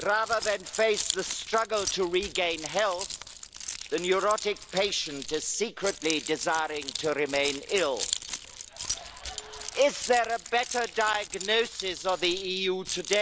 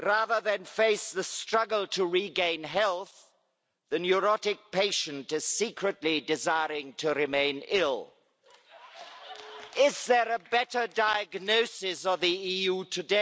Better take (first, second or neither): second